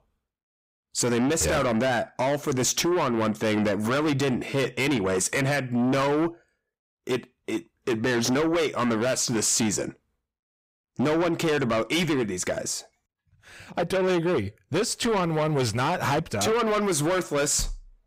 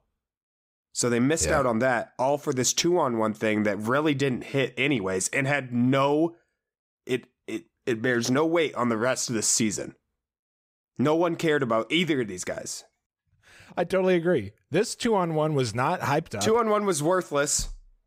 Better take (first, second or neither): second